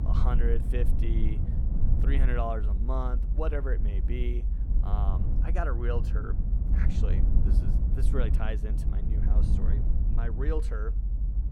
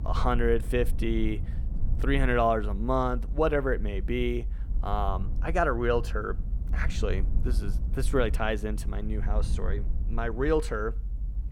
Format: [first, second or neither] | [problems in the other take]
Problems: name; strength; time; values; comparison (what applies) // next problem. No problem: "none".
second | low rumble; loud; throughout; 7 dB below the speech; faint in the second